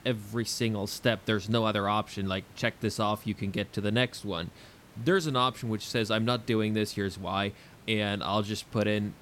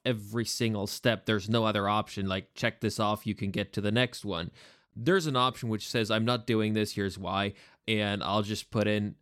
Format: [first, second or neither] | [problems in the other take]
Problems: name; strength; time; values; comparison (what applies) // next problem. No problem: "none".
second | hiss; faint; throughout; 25 dB below the speech